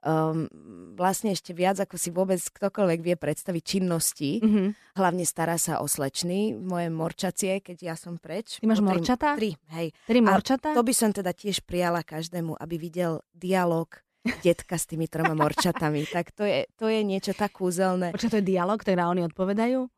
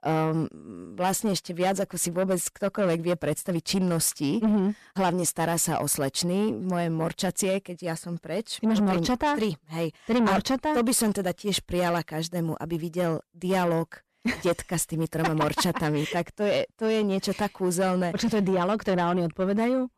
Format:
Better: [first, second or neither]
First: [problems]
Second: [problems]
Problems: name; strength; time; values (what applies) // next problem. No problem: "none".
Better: first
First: none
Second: distortion; slight; 10 dB below the speech